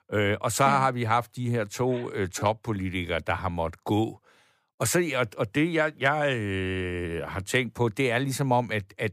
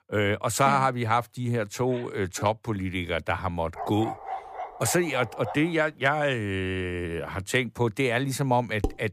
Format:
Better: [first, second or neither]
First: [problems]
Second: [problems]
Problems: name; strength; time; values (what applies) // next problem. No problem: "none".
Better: first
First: none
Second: dog barking; noticeable; from 4 to 5.5 s; peak 8 dB below the speech // clattering dishes; very faint; at 9 s; peak 8 dB below the speech